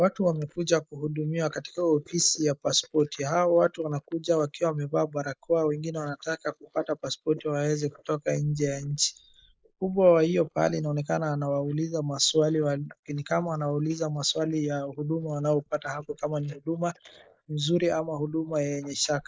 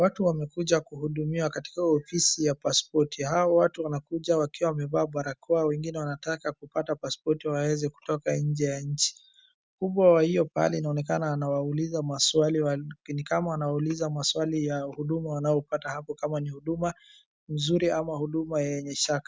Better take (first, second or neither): second